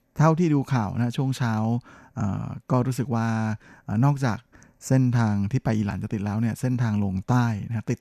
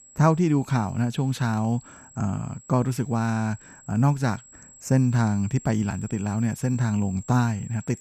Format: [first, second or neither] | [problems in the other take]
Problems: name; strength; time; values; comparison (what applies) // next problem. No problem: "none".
first | high-pitched whine; faint; throughout; 7.5 kHz, 20 dB below the speech